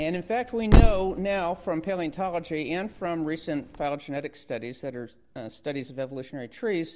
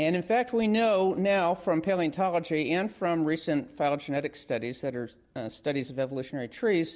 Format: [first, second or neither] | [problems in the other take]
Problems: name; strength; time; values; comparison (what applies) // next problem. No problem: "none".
second | background sound (Thump, thud); 2 dB above the speech